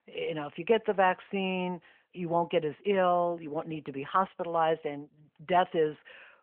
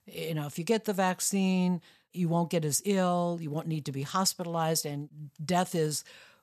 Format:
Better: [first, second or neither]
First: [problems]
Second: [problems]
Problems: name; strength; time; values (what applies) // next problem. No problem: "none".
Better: second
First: phone-call audio; nothing above 3 kHz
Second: none